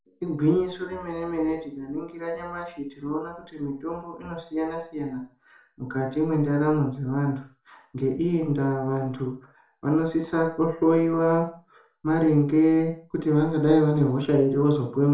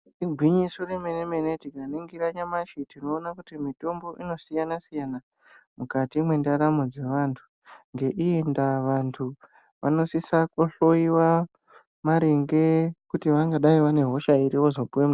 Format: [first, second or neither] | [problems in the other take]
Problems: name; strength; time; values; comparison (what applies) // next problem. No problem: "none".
second | room echo; dies away in 0.4 s